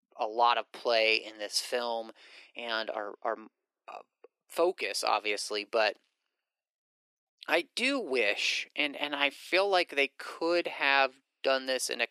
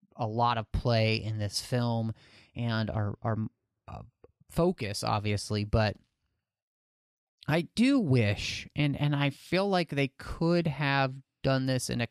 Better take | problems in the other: second | thin; very; fading below 350 Hz

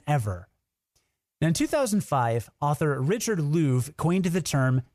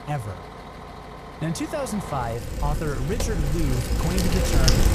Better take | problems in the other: first | traffic noise; very loud; throughout; 2 dB above the speech

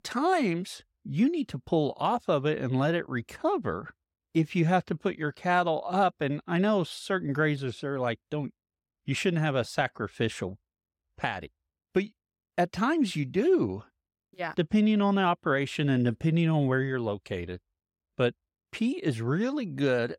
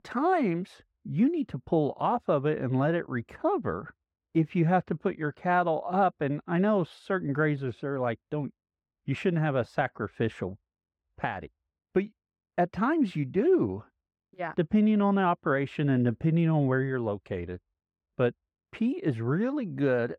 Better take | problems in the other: first | muffled; slightly; fading above 3 kHz

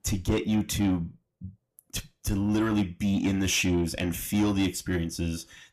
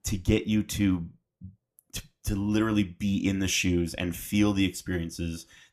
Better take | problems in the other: second | distortion; slight; 10 dB below the speech

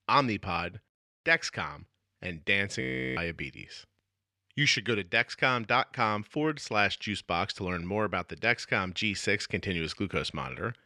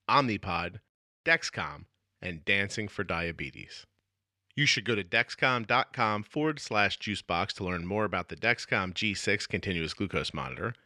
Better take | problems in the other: second | audio freezing; at 3 s

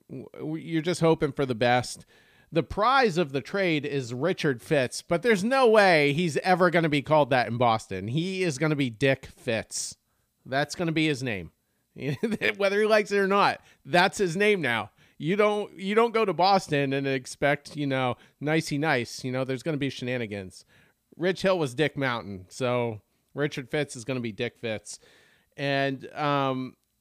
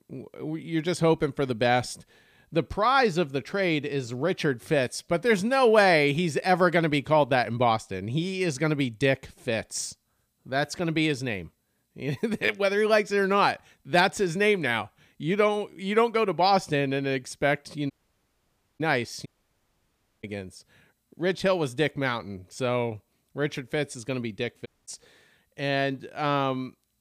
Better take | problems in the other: first | audio cutting out; at 18 s for 1 s, at 19 s for 1 s and at 25 s

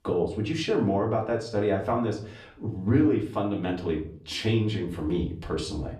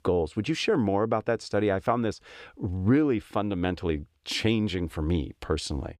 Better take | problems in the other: second | off-mic speech; far // room echo; slight; dies away in 0.4 s

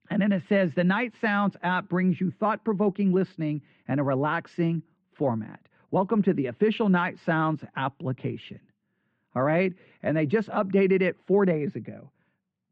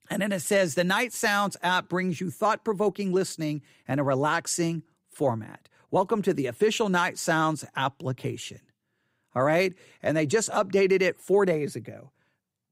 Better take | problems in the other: second | muffled; very; fading above 3 kHz

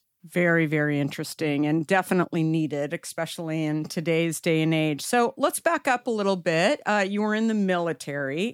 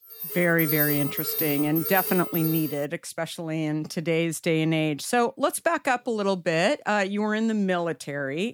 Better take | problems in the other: first | alarm; loud; until 3 s; peak 2 dB above the speech

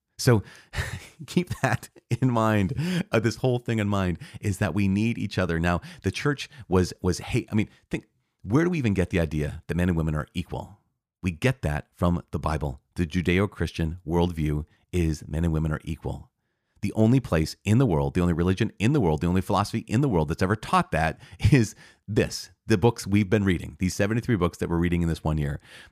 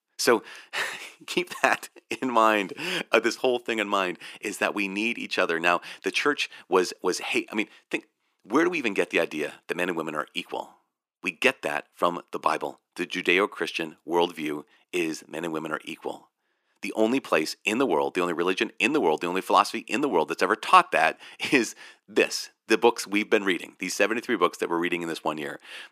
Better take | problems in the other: first | thin; very; fading below 300 Hz

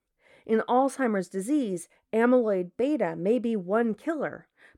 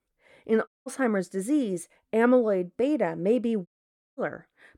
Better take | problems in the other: first | audio cutting out; at 0.5 s and at 3.5 s for 0.5 s

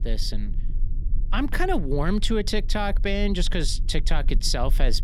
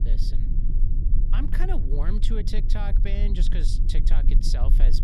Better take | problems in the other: first | low rumble; loud; throughout; 7 dB below the speech; faint in the first

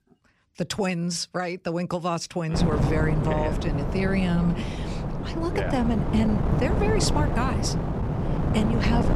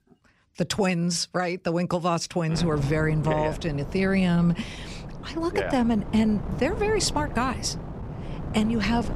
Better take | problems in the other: second | wind noise on the microphone; heavy; from 2.5 s on; 3 dB below the speech; occasional gusts in the second

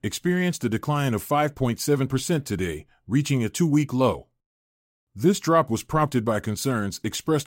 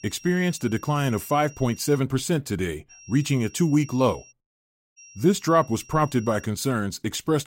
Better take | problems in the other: first | high-pitched whine; faint; until 2 s, from 3 to 4.5 s and from 5 to 6.5 s; 5.5 kHz, 25 dB below the speech

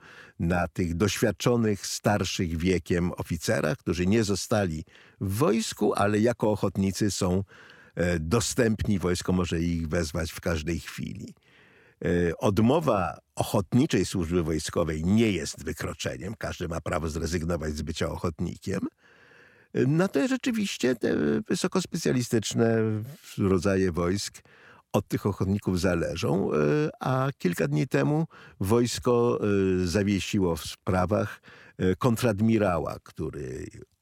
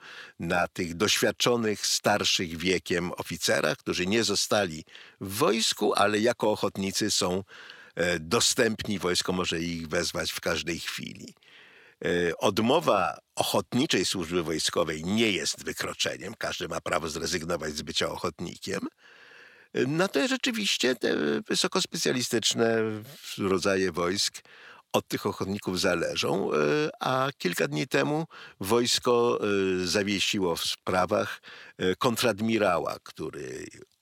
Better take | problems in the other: first | thin; very slightly; fading below 1 kHz

